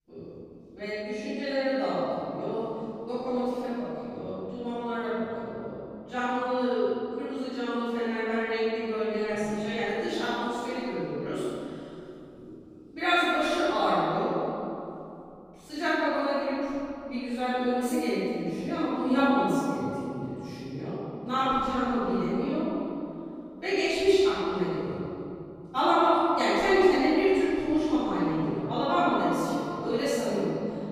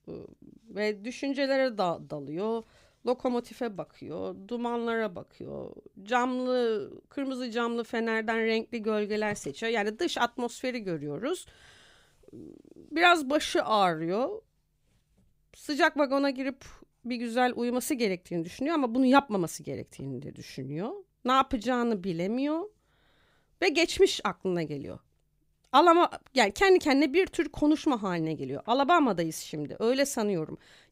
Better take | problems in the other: second | off-mic speech; far // room echo; strong; dies away in 2.8 s

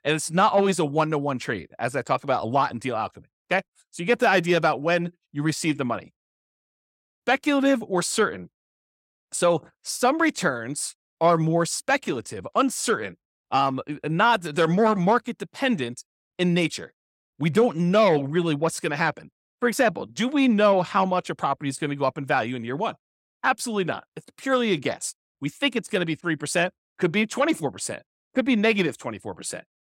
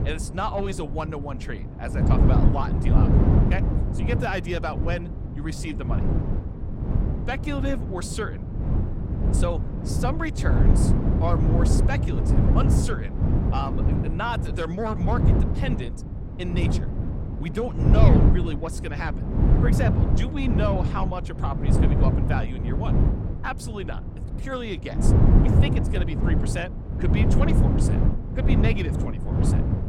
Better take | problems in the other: first | wind noise on the microphone; heavy; 2 dB below the speech

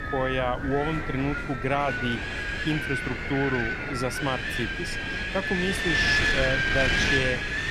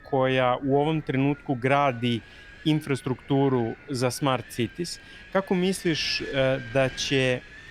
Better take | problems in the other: second | wind noise on the microphone; heavy; 5 dB above the speech; occasional gusts in the second

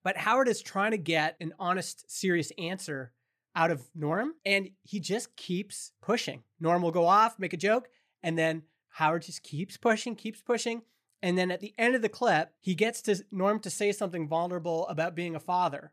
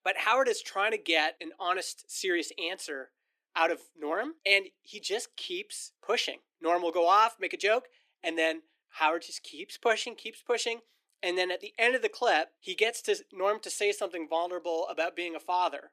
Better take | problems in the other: first | thin; very; fading below 300 Hz

